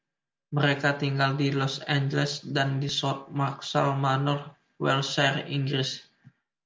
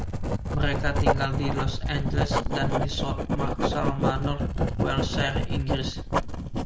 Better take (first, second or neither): first